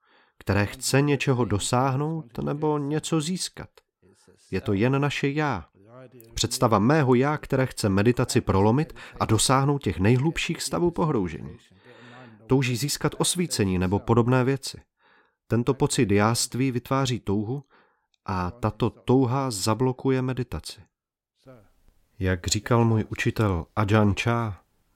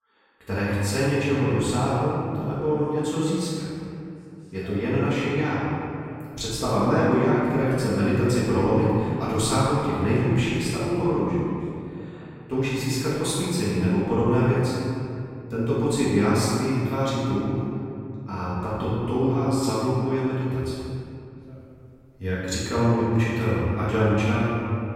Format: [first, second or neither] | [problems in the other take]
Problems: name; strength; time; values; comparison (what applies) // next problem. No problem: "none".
first | off-mic speech; far // room echo; strong; dies away in 2.4 s